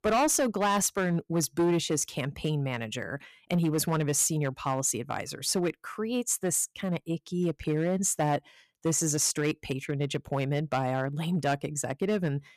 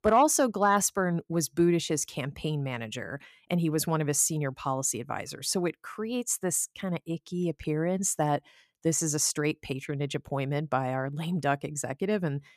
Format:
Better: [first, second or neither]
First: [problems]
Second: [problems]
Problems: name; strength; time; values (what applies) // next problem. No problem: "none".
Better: second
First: distortion; slight; 6% of the sound clipped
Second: none